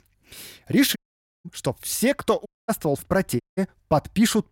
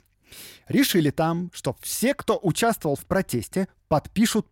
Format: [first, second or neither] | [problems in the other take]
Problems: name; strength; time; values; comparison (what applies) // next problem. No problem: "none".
second | audio cutting out; at 1 s, at 2.5 s and at 3.5 s